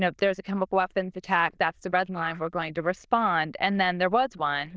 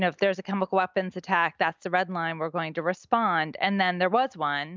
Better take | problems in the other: second | noise reduction (neural diffusion model UNIVERSE++)

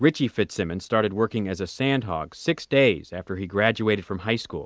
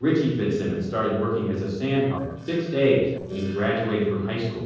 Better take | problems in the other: first | noise reduction (neural separator model SepFormer DNS4)

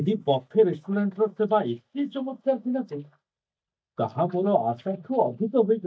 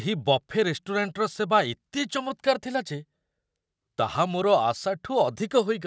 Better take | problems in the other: second | noise reduction (neural mask model DeepFilterNet 3)

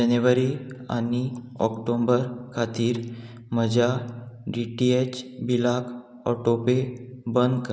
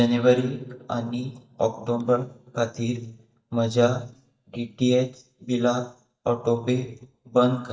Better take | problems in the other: first | noise reduction (neural mask model DeepFilterNet 3)

